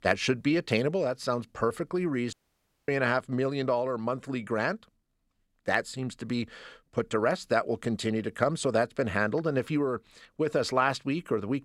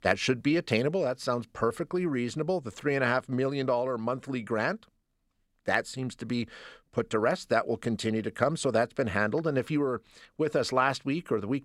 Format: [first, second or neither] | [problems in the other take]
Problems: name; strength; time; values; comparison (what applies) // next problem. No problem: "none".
second | audio cutting out; at 2.5 s for 0.5 s